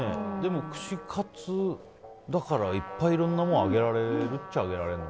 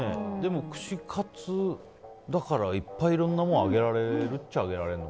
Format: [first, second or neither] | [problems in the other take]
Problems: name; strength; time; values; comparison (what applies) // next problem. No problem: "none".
second | background sound (Trumpet); 16 dB below the speech